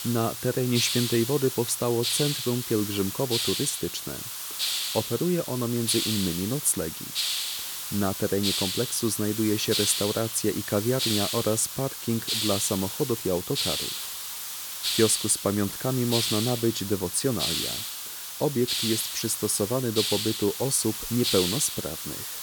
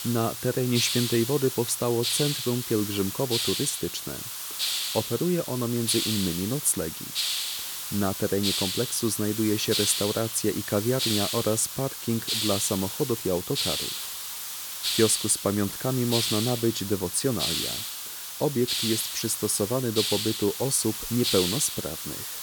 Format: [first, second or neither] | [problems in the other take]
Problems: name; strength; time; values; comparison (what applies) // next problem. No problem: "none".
neither | hiss; loud; throughout; 2 dB below the speech; the same in both